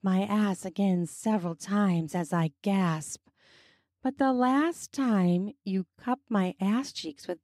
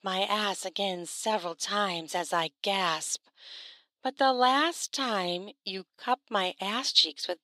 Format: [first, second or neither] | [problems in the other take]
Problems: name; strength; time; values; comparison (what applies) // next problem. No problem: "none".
first | thin; very; fading below 600 Hz